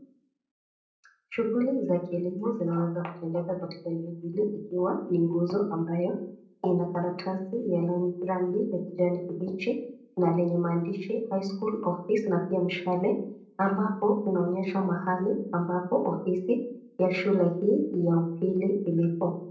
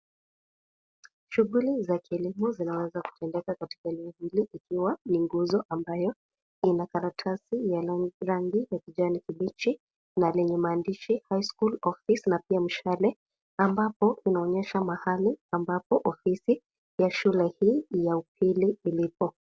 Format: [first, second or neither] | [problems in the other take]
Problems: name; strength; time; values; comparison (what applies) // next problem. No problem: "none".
second | room echo; dies away in 0.6 s